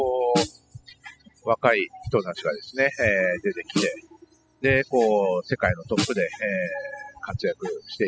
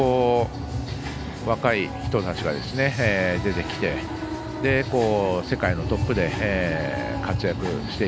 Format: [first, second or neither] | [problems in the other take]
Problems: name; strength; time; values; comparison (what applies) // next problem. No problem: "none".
second | noise reduction (classical method spectral subtraction)